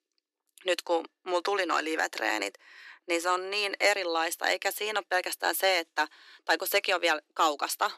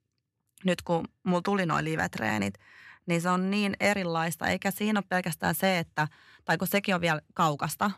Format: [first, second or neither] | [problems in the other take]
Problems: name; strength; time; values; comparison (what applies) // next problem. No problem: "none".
second | thin; very; fading below 300 Hz